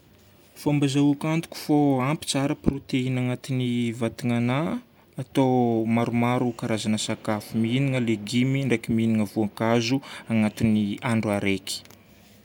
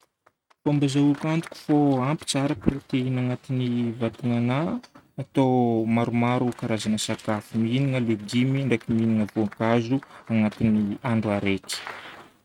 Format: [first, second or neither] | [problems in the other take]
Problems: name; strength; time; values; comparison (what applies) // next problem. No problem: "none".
first | noise reduction (neural mask model RNNoise)